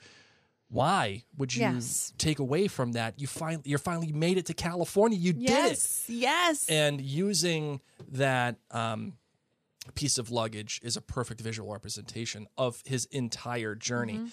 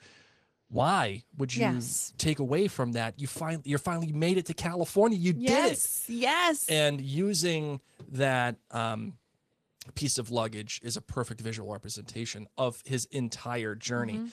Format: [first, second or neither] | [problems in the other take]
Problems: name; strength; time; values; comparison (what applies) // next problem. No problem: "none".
first | garbled, watery; slightly; nothing above 12 kHz